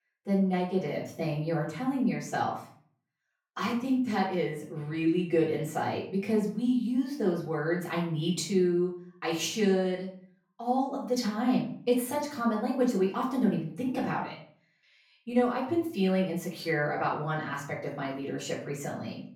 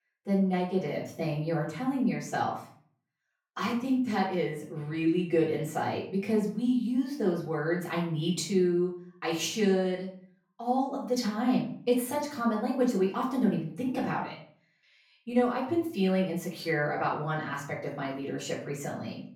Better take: neither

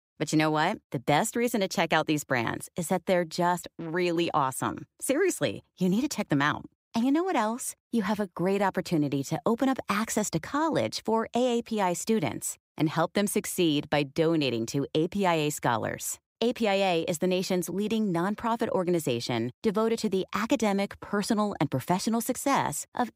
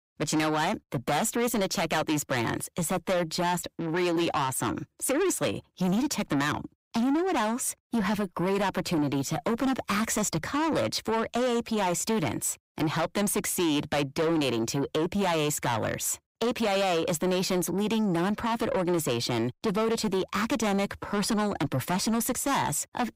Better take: first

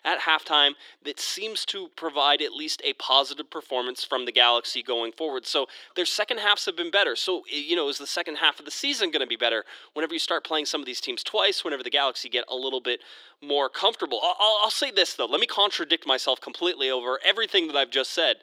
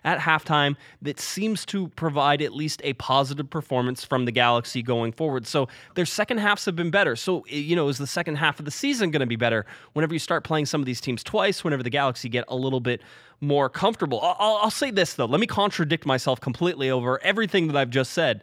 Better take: second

